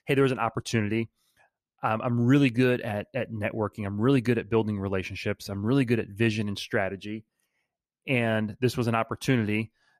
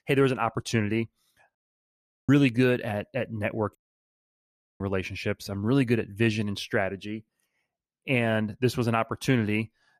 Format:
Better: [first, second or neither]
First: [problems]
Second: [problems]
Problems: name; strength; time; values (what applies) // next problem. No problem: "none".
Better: first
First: none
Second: audio cutting out; at 1.5 s for 0.5 s and at 4 s for 1 s